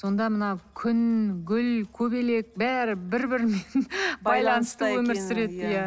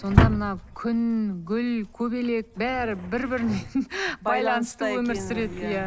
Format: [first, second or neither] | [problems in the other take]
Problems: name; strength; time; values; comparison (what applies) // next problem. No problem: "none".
first | background sound (Drawer open or close); 3 dB below the speech